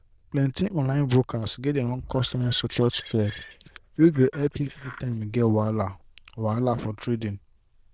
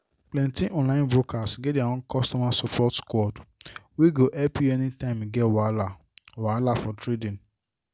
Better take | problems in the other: second | noise reduction (neural diffusion model UNIVERSE++)

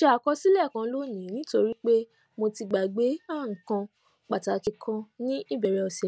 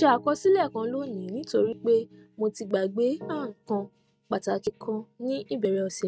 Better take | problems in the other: first | noise reduction (neural mask model RNNoise)

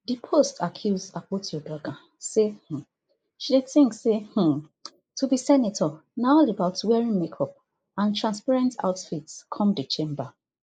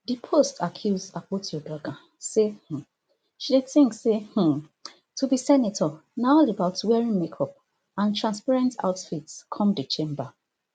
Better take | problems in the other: second | noise reduction (neural mask model Resemble Enhance denoiser)

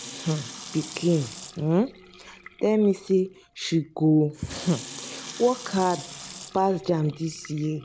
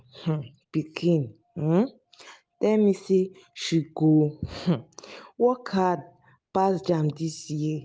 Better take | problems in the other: second | background sound (Sink (filling or washing) / Water tap, faucet); 16 dB below the speech

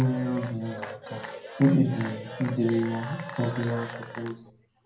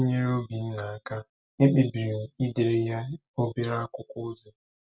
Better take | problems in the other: second | background sound (Applause / Cheering / Clapping); 12 dB below the speech // room echo; dies away in 0.6 s

